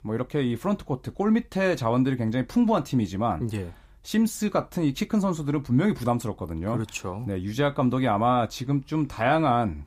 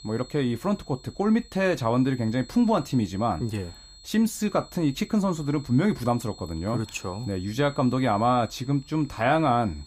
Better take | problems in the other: first | high-pitched whine; faint; throughout; 4 kHz, 20 dB below the speech

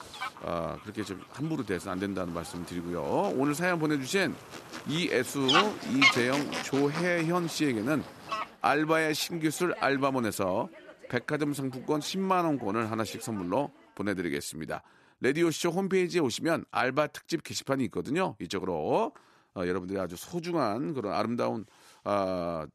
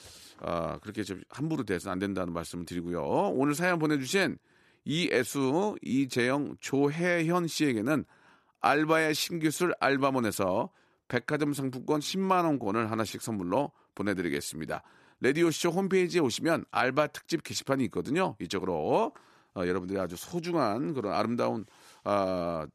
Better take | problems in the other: second | animal sounds; loud; until 14 s; as loud as the speech

